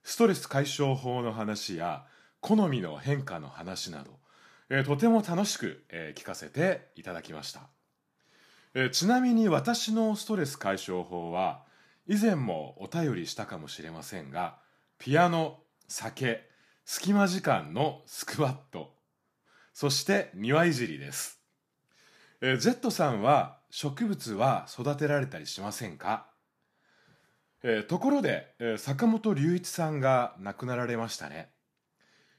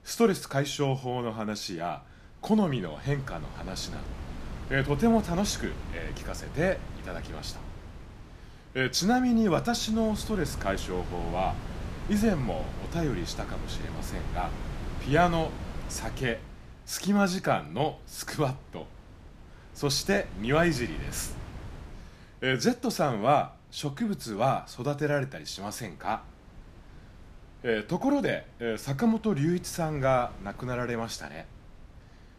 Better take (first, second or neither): first